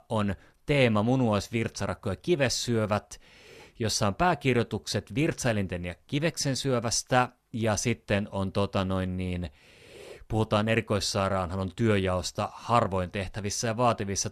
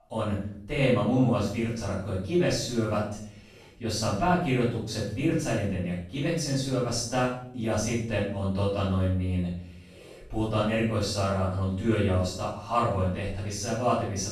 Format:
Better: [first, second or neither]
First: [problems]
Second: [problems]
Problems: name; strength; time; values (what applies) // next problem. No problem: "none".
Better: first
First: none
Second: room echo; noticeable; dies away in 0.6 s // off-mic speech; far